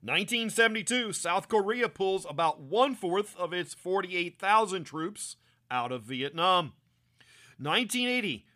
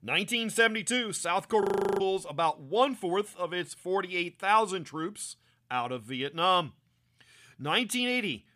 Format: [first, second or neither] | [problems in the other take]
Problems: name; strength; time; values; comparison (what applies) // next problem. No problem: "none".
first | audio freezing; at 1.5 s